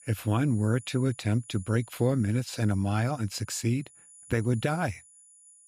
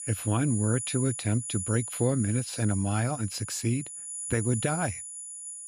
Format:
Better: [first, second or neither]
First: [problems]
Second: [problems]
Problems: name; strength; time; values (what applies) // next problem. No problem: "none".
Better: first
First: high-pitched whine; faint; throughout; 10 kHz, 20 dB below the speech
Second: high-pitched whine; loud; throughout; 10 kHz, 6 dB below the speech